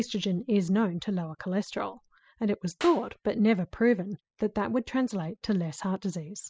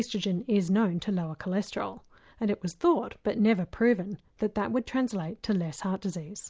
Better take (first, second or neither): second